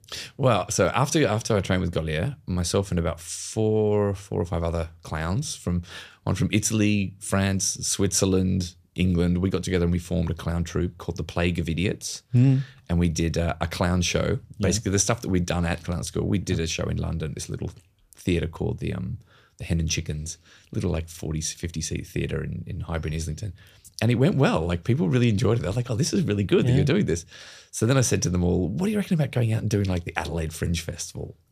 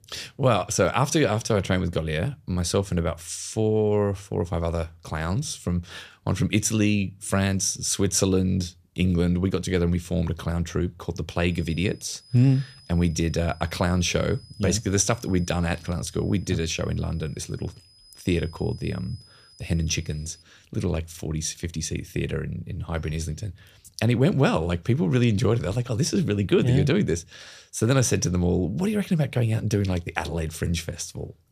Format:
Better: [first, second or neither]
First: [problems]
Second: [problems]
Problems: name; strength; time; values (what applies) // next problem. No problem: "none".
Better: first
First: none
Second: high-pitched whine; faint; from 12 to 20 s; 5 kHz, 25 dB below the speech